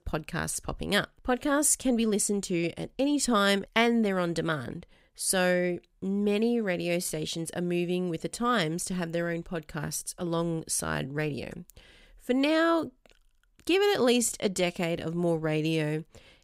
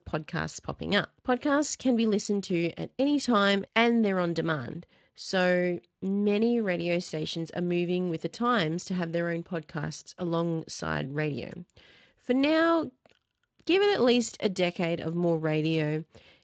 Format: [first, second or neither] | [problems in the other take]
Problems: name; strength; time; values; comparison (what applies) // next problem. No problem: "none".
first | garbled, watery; slightly; nothing above 7.5 kHz